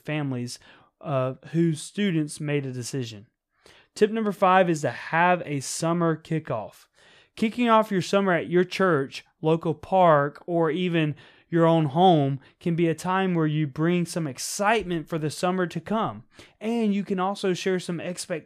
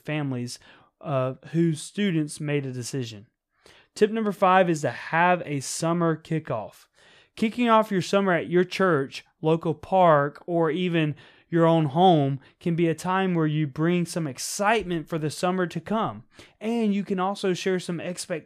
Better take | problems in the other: neither | none

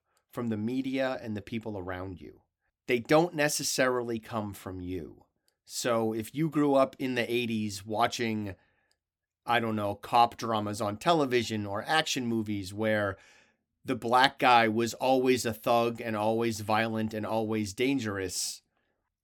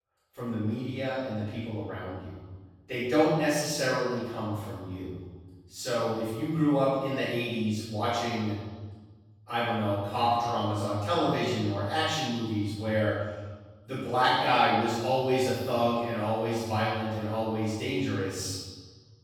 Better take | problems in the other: first | off-mic speech; far // room echo; strong; dies away in 1.4 s

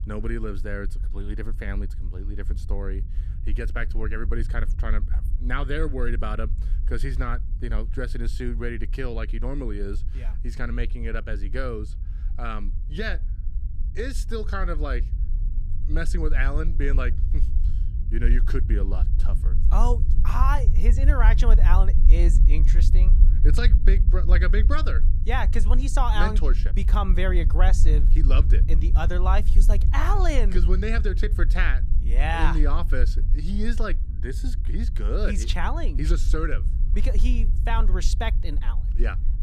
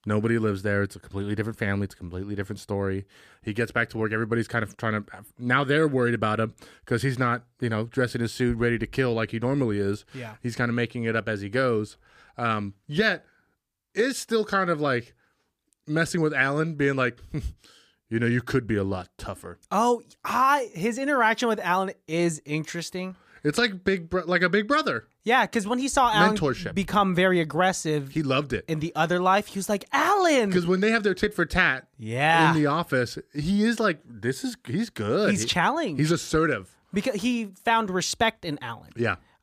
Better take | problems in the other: second | low rumble; noticeable; throughout; 15 dB below the speech

